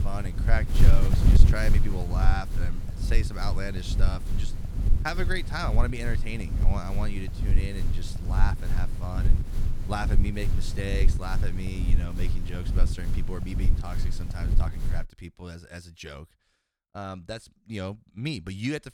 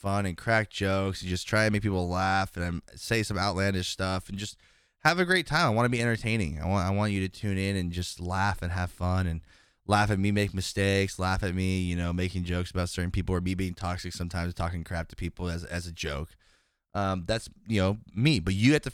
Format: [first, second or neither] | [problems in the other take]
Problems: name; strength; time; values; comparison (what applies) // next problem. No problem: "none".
second | wind noise on the microphone; heavy; until 15 s; 6 dB below the speech